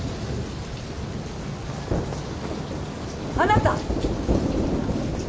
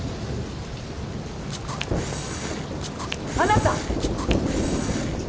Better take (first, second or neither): first